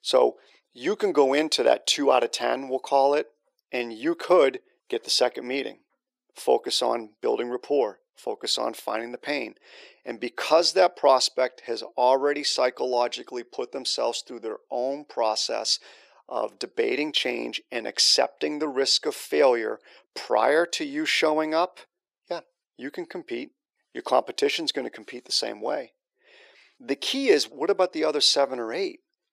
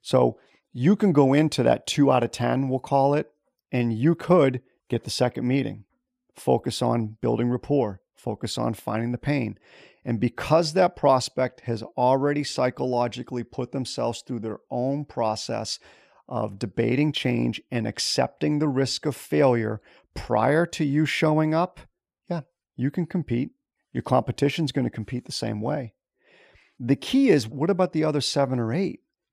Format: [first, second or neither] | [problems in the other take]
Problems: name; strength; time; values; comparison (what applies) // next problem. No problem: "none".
second | thin; somewhat; fading below 400 Hz